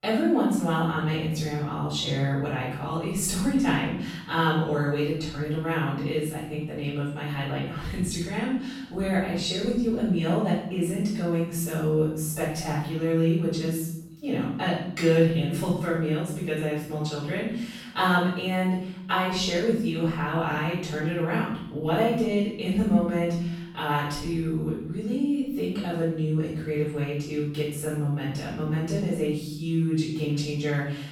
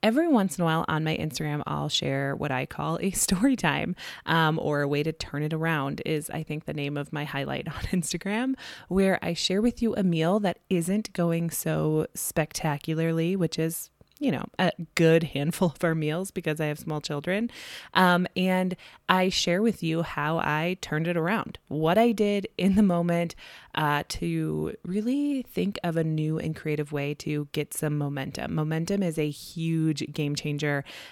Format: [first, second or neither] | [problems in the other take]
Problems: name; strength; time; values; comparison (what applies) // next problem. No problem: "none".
second | room echo; strong; dies away in 0.7 s // off-mic speech; far